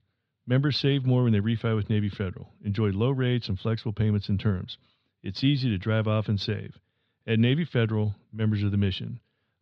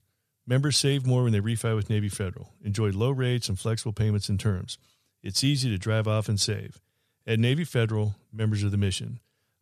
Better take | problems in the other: second | muffled; slightly; fading above 4 kHz

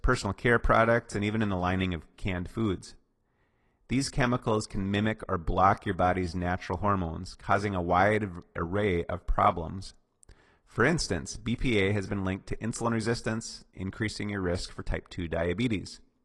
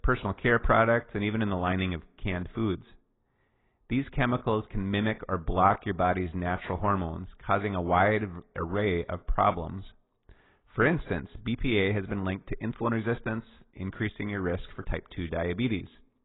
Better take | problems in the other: first | garbled, watery; badly; nothing above 3.5 kHz; slightly in the first

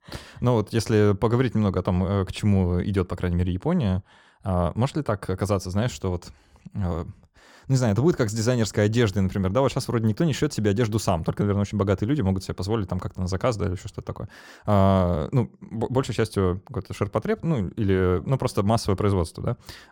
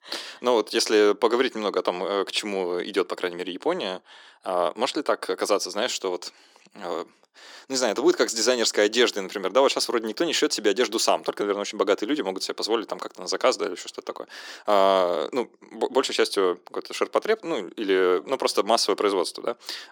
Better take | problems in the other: first | thin; very; fading below 300 Hz

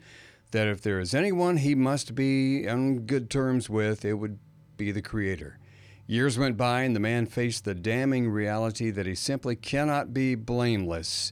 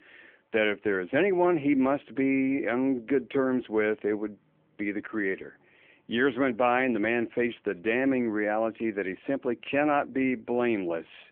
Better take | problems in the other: first | phone-call audio; nothing above 3.5 kHz

